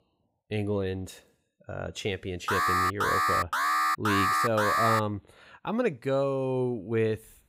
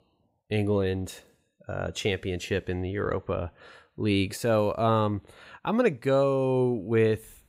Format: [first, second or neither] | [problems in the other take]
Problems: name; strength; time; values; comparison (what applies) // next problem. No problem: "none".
second | alarm; loud; from 2.5 to 5 s; peak 6 dB above the speech